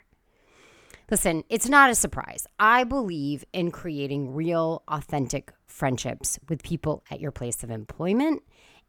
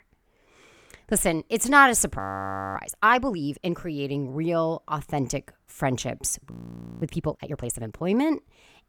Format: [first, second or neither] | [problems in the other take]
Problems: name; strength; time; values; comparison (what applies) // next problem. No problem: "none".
first | audio freezing; at 2 s for 0.5 s and at 6.5 s for 0.5 s